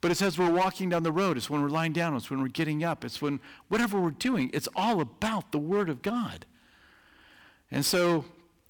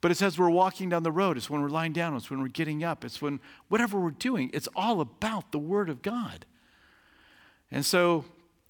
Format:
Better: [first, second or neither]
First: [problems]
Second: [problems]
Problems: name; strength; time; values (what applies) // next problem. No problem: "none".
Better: second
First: distortion; slight; 9% of the sound clipped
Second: none